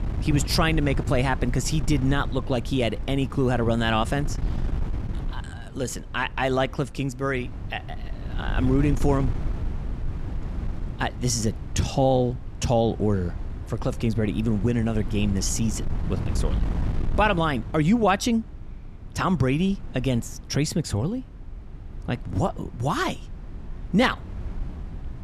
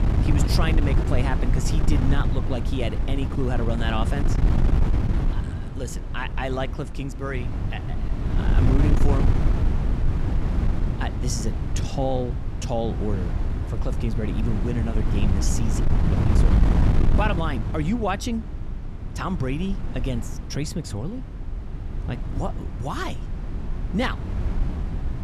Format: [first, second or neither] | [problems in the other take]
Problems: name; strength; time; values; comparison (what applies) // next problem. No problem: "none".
first | wind noise on the microphone; heavy; 5 dB below the speech; occasional gusts in the first